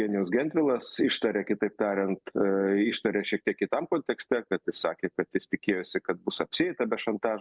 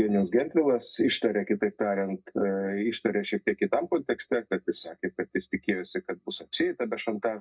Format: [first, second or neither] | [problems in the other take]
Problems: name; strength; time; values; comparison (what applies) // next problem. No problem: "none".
first | noise reduction (neural mask model DeepFilterNet 3)